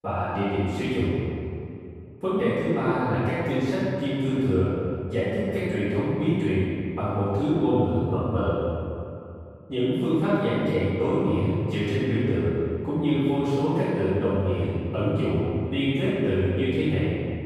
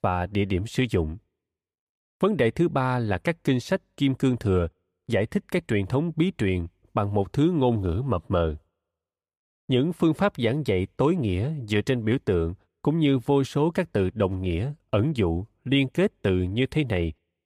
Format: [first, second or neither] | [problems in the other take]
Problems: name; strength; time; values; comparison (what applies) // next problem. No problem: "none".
second | room echo; strong; dies away in 2.4 s // off-mic speech; far